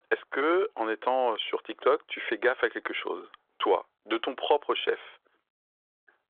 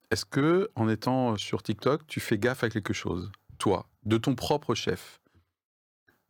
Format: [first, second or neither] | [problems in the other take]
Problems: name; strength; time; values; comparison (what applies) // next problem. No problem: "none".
second | phone-call audio; nothing above 3.5 kHz